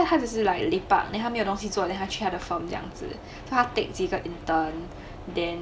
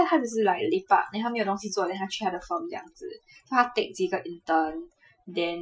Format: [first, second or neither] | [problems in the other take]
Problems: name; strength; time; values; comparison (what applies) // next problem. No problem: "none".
first | noise reduction (classical method Wiener filter)